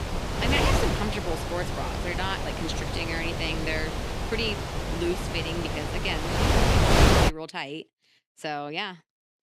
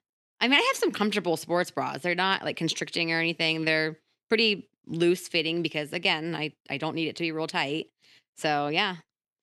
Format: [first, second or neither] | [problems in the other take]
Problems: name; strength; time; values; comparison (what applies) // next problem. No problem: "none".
second | wind noise on the microphone; heavy; until 7.5 s; 3 dB above the speech